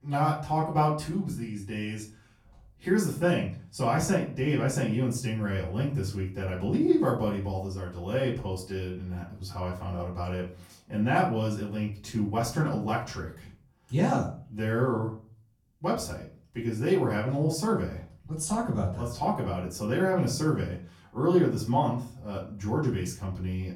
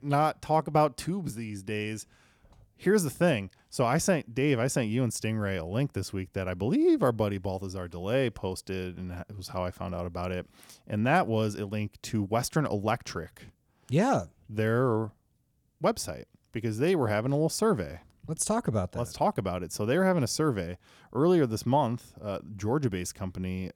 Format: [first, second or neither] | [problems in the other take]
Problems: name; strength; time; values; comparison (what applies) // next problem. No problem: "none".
second | room echo; slight; dies away in 0.4 s // off-mic speech; far